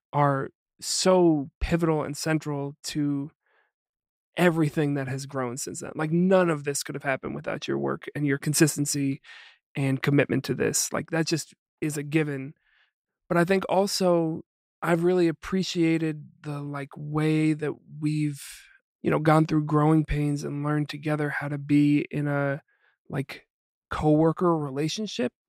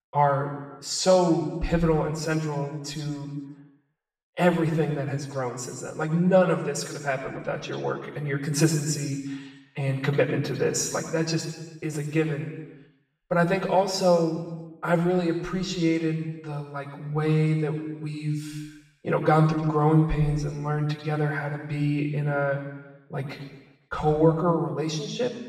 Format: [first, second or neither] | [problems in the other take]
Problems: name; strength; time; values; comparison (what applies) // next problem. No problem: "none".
first | room echo; noticeable; dies away in 1 s // off-mic speech; far